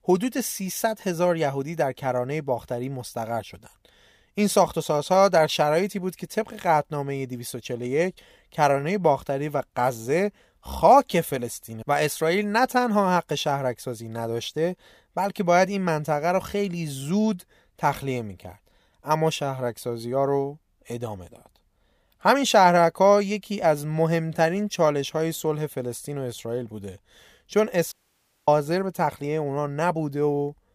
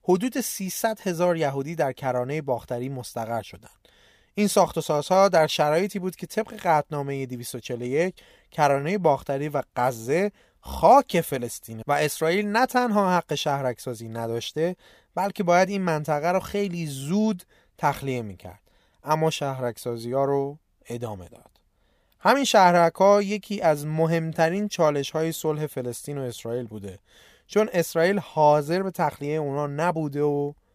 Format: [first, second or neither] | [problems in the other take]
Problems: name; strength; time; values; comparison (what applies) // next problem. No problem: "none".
second | audio cutting out; at 28 s for 0.5 s